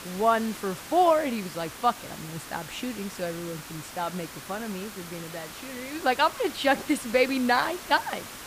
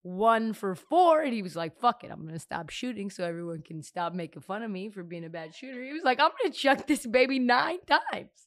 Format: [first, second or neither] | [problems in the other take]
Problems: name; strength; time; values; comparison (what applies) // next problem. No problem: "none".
second | hiss; noticeable; throughout; 15 dB below the speech